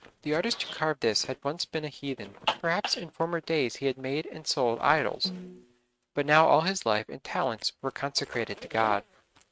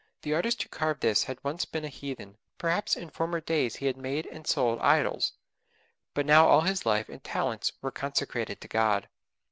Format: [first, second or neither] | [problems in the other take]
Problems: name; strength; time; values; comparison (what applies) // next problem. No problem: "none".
second | noise reduction (neural mask model RNNoise)